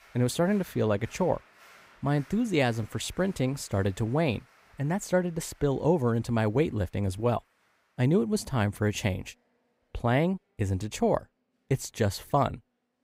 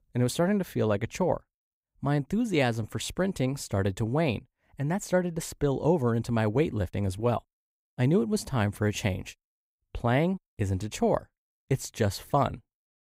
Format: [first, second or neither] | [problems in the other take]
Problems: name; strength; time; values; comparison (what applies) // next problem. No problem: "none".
second | crowd noise; faint; throughout; 30 dB below the speech